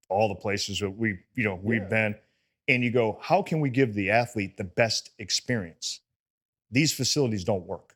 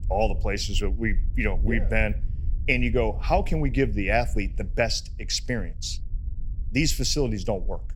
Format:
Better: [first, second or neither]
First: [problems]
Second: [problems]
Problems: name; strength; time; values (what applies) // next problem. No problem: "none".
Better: first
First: none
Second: low rumble; faint; throughout; 25 dB below the speech